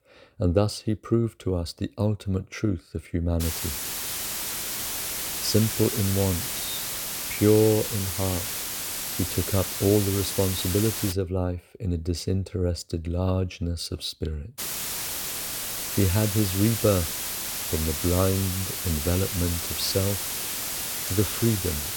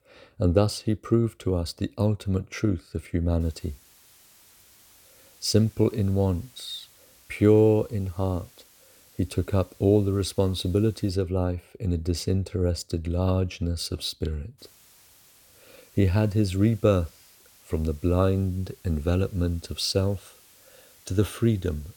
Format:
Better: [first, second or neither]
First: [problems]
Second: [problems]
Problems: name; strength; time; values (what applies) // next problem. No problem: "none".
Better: second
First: hiss; loud; from 3.5 to 11 s and from 15 s on; 2 dB below the speech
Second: hiss; faint; from 3.5 to 11 s and from 15 s on; 25 dB below the speech